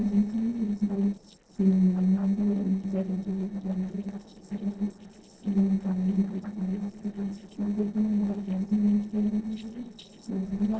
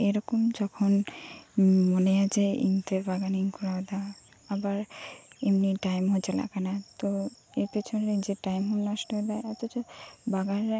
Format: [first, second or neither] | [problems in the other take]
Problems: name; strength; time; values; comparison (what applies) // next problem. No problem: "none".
second | noise reduction (neural separator model SepFormer DNS4)